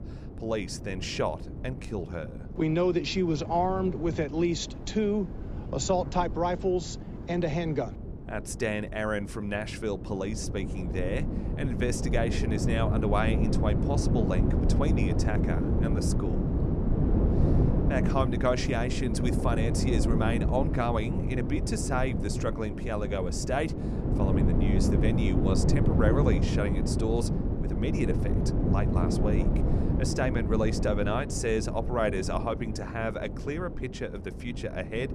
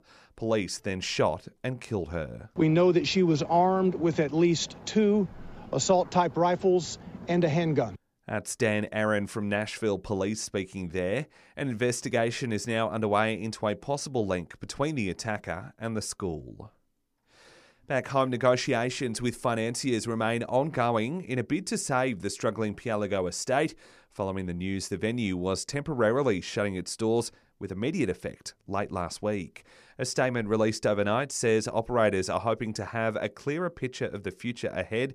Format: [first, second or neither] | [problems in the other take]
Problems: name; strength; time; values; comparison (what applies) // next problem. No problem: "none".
second | wind noise on the microphone; heavy; 5 dB below the speech